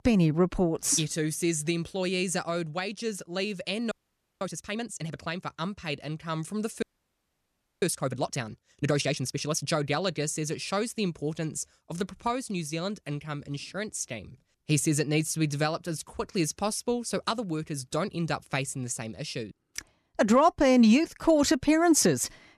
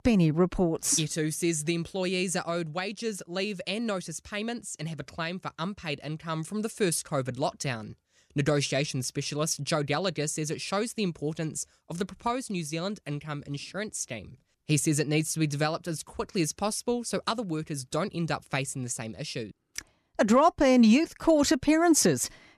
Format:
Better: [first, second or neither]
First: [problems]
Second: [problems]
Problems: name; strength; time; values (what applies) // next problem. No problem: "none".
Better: second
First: audio freezing; at 4 s for 0.5 s and at 7 s for 1 s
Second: none